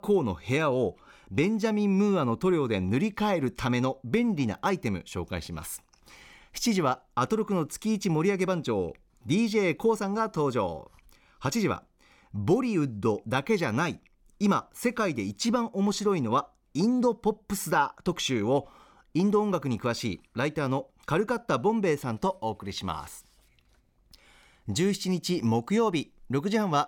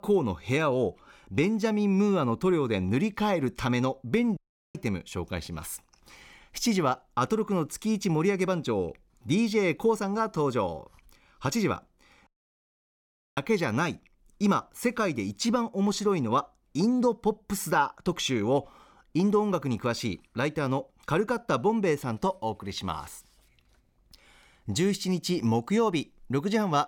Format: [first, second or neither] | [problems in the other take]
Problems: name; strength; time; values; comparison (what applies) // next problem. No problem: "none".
first | audio cutting out; at 4.5 s and at 12 s for 1 s